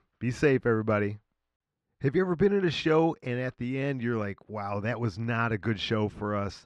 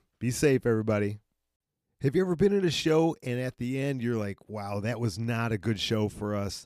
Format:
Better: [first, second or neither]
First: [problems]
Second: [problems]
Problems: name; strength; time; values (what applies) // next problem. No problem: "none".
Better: second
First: muffled; slightly; fading above 3.5 kHz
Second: none